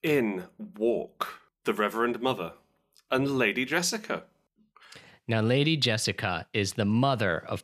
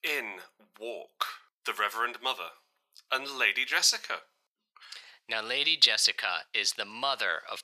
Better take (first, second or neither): first